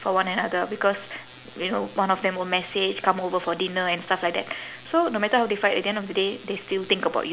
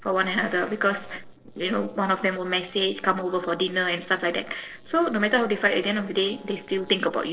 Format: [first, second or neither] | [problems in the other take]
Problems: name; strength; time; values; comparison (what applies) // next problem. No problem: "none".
first | noise reduction (neural separator model SepFormer DNS4)